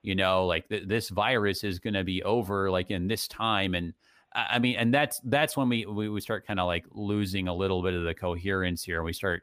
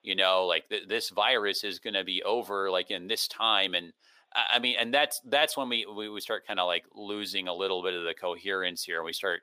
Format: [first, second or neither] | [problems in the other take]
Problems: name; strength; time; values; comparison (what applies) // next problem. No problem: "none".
first | thin; somewhat; fading below 500 Hz